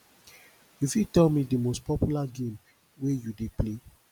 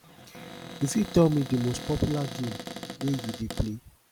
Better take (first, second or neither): first